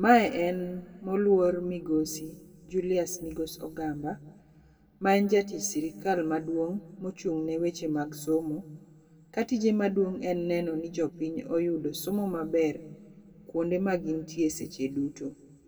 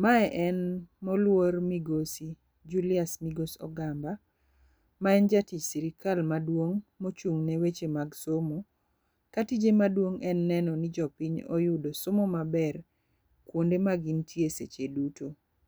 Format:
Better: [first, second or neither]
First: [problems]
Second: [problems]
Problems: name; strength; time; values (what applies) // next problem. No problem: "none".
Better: second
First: room echo; dies away in 1.2 s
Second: none